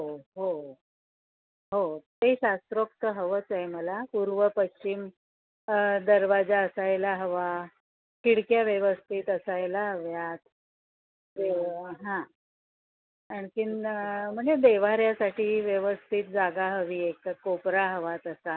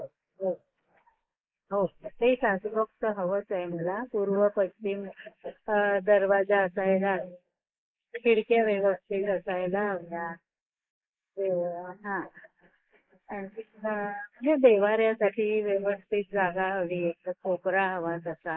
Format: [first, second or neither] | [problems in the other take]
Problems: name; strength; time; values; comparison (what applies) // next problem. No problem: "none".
first | noise reduction (neural mask model Resemble Enhance denoiser)